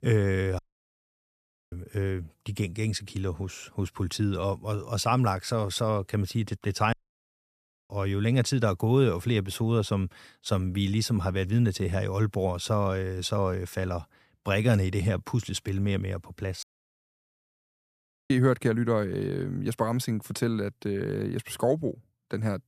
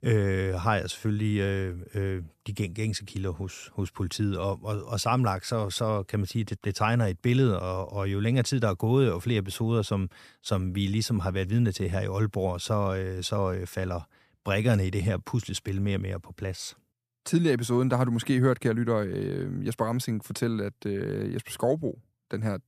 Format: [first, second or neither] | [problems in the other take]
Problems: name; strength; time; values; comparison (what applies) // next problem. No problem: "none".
second | audio cutting out; at 0.5 s for 1 s, at 7 s for 1 s and at 17 s for 1.5 s